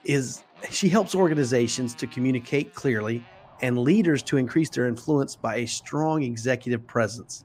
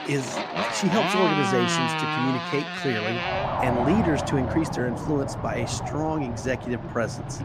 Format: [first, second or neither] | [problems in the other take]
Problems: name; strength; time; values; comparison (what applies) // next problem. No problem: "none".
first | traffic noise; loud; throughout; as loud as the speech; faint in the first